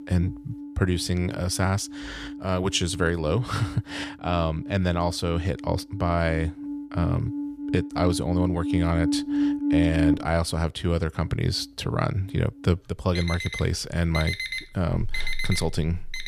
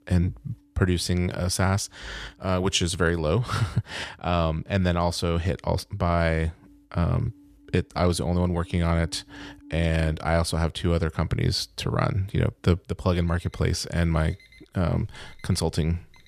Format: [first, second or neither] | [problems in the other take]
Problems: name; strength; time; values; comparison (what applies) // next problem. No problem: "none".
second | alarms or sirens; loud; throughout; 5 dB below the speech; faint in the second